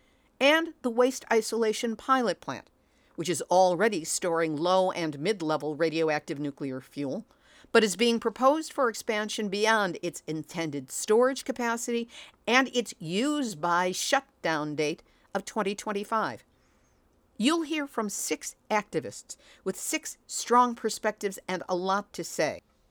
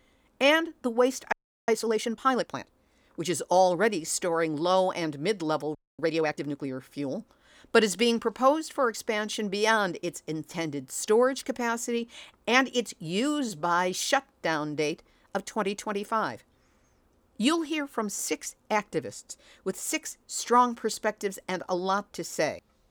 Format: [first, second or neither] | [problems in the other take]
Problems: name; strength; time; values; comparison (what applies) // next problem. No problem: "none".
first | audio freezing; at 1.5 s and at 6 s